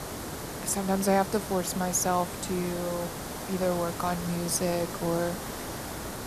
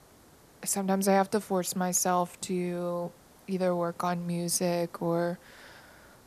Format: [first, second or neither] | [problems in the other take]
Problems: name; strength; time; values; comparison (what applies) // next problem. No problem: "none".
second | hiss; loud; throughout; 7 dB below the speech; faint in the second